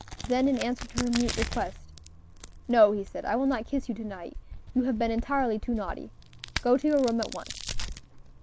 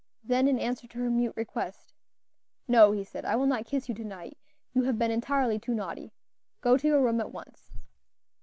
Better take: second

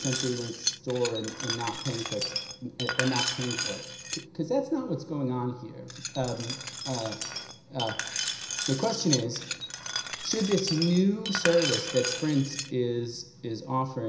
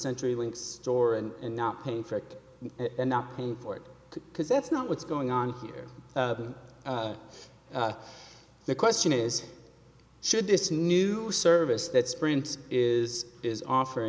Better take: second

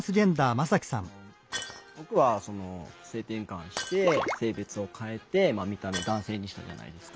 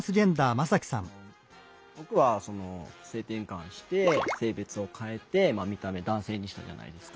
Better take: second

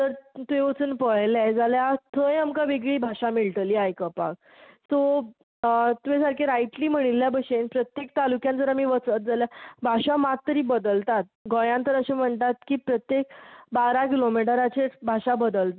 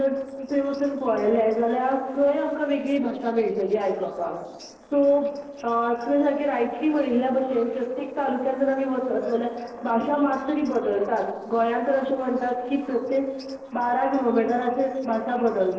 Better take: first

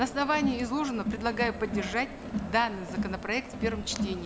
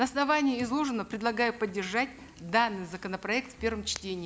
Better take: second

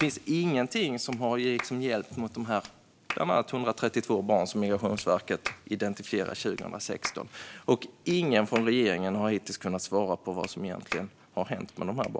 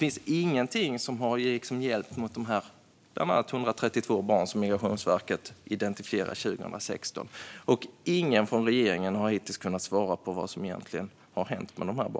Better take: second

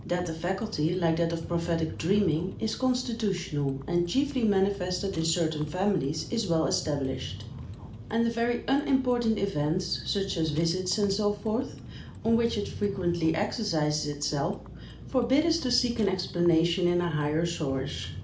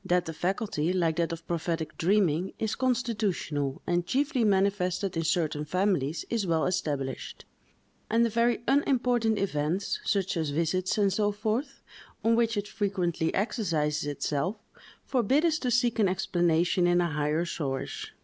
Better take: second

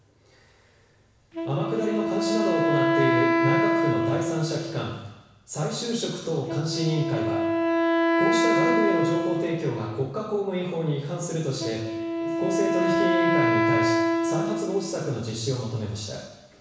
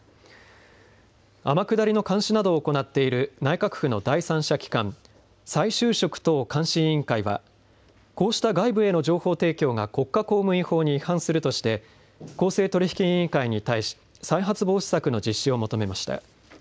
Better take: second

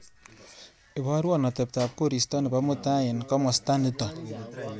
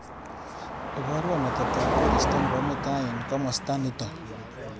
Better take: first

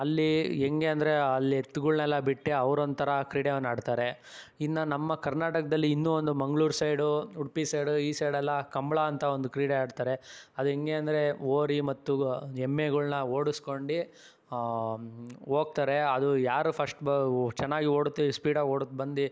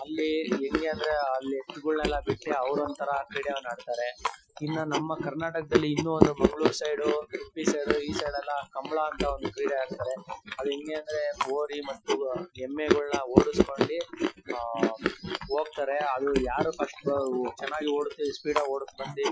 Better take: first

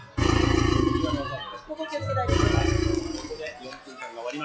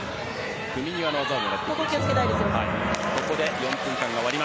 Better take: second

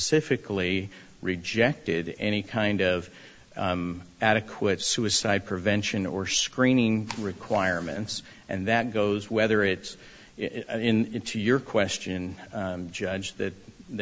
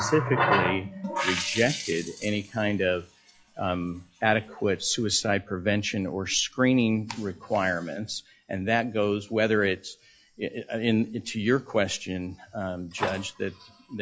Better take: first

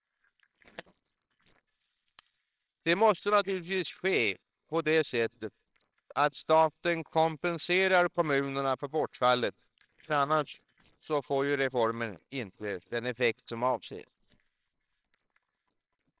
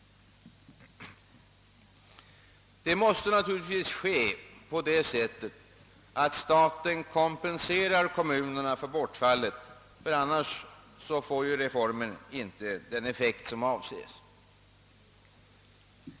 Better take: second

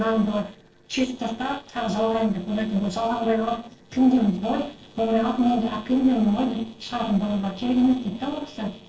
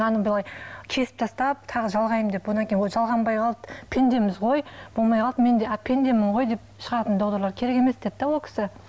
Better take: second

